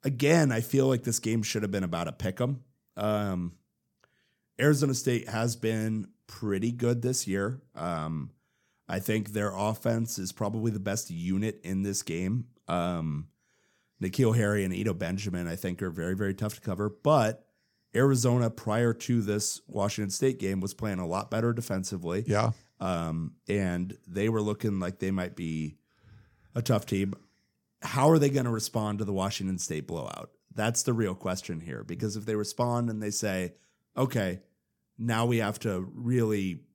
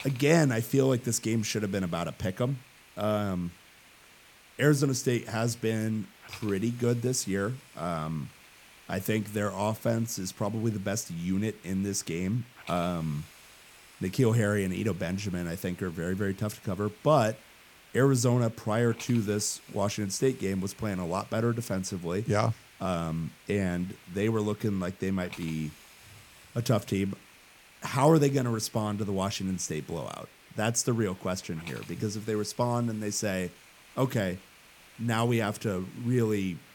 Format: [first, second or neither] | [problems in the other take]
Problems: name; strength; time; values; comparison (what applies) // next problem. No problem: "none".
first | hiss; faint; throughout; 20 dB below the speech